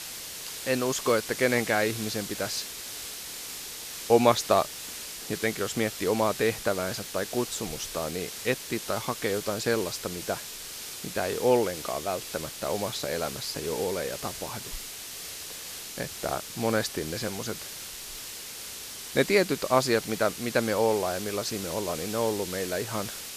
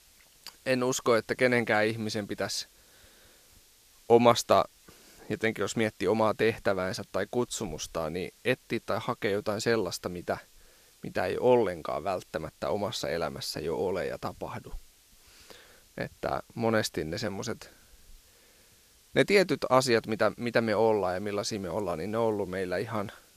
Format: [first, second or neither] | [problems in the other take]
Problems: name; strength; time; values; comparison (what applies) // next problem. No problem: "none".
second | hiss; loud; throughout; 8 dB below the speech; faint in the second